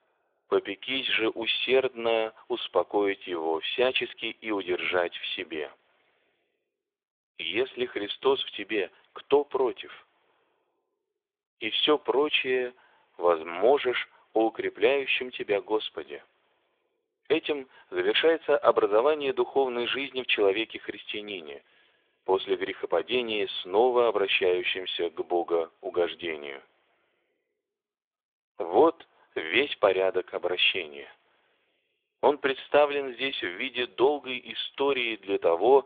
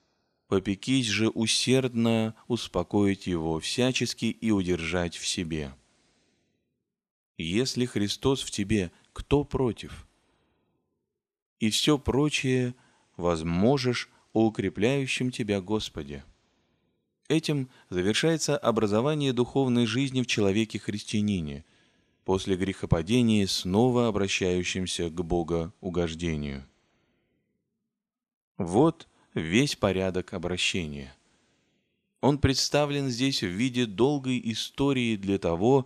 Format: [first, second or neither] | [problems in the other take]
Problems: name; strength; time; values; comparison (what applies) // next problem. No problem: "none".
second | phone-call audio; nothing above 3.5 kHz